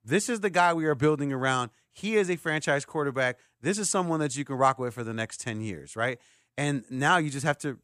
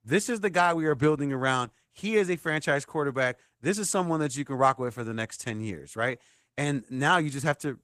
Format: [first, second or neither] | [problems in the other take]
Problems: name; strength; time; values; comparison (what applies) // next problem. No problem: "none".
first | garbled, watery; slightly